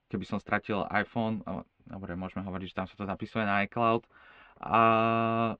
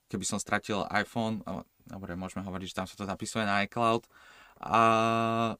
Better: second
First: muffled; very; fading above 3 kHz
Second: none

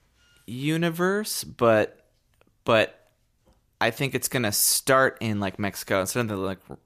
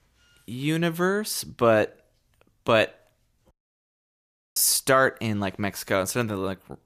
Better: first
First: none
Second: audio cutting out; at 3.5 s for 1 s

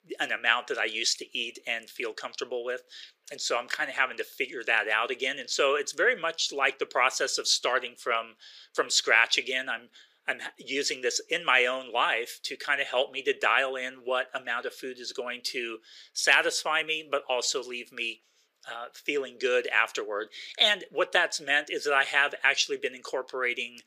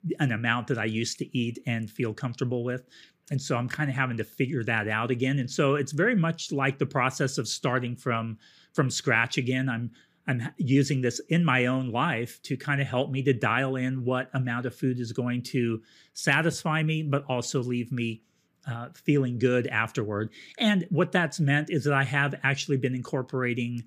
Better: second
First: thin; very; fading below 450 Hz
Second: none

